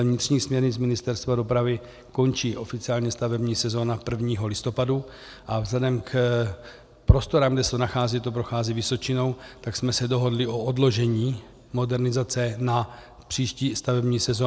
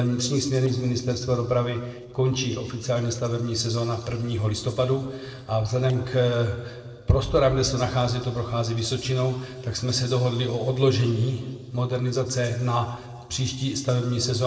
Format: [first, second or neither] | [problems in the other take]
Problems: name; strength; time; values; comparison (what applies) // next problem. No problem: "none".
first | noise reduction (neural separator model SepFormer DNS4)